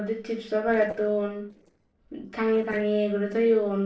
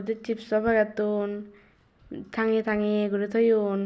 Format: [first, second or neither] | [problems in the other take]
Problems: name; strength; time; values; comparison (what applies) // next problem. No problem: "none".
second | noise reduction (neural separator model SepFormer DNS4)